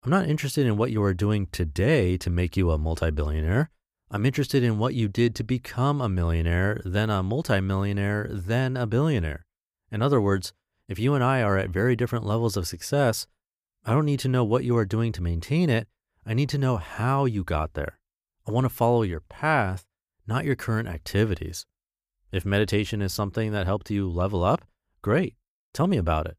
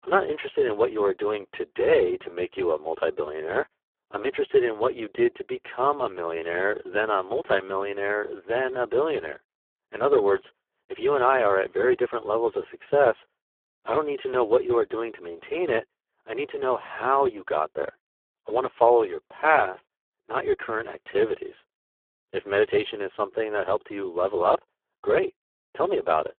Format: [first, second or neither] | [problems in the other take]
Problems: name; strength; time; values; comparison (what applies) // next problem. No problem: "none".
first | phone-call audio; poor line